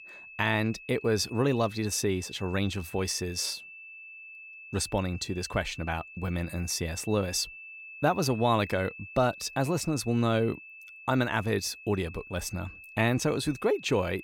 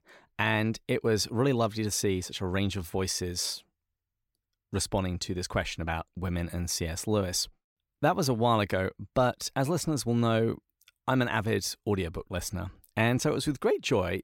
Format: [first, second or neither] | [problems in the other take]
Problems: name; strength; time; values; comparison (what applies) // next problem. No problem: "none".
second | high-pitched whine; noticeable; throughout; 2.5 kHz, 15 dB below the speech